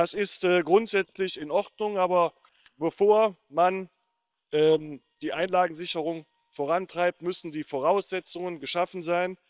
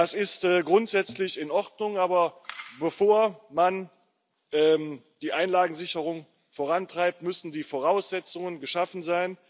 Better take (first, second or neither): second